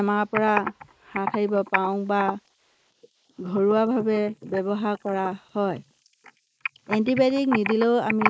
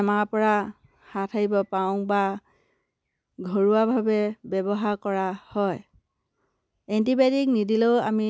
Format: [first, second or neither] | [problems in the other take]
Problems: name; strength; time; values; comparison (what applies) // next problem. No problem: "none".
second | noise reduction (neural mask model Resemble Enhance denoiser)